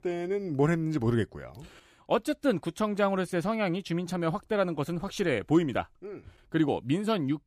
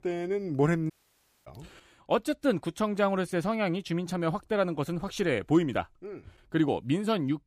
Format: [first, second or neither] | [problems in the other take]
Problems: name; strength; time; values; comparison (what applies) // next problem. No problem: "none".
first | audio cutting out; at 1 s for 0.5 s